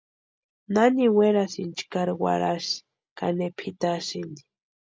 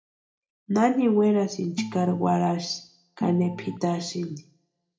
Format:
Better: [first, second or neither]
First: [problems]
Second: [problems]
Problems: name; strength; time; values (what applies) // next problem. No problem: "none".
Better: first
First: none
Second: background sound (Organ); 11 dB below the speech // room echo; dies away in 0.4 s